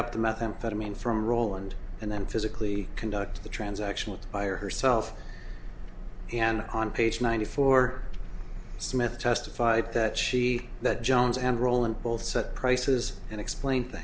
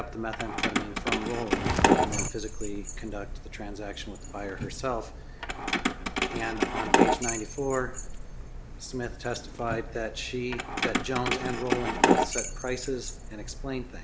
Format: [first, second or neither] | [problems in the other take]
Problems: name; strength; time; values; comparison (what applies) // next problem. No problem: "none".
first | background sound (Walk, footsteps + Keys jangling); 3 dB above the speech